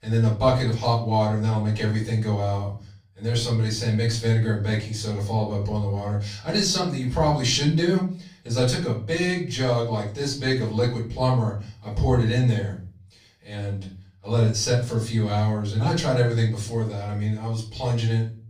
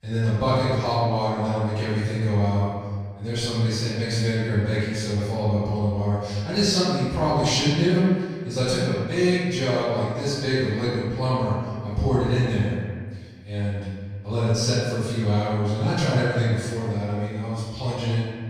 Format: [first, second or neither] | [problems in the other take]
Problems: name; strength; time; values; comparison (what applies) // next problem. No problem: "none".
first | room echo; strong; dies away in 1.7 s; slight in the first // off-mic speech; far; far in the first